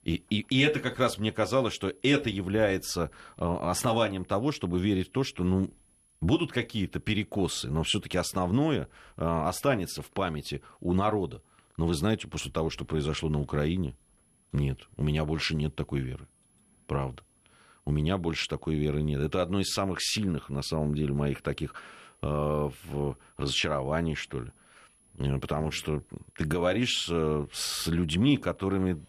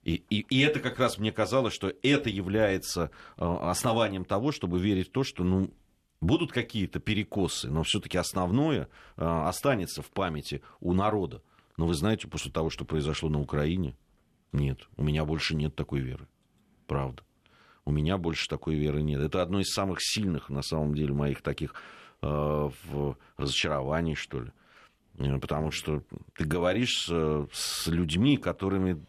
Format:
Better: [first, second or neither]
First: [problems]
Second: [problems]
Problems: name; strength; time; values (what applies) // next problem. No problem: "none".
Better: second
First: high-pitched whine; faint; throughout; 10.5 kHz, 35 dB below the speech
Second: none